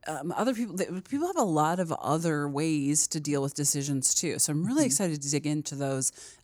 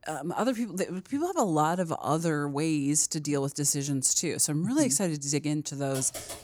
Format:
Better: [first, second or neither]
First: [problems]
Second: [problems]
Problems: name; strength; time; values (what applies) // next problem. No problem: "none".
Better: first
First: none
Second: keyboard typing; faint; at 6 s; peak 10 dB below the speech